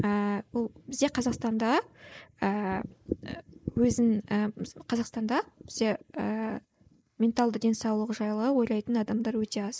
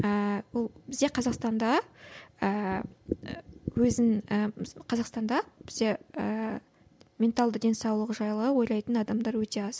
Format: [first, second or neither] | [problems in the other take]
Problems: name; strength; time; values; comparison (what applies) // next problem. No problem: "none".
second | noise reduction (neural mask model Resemble Enhance denoiser)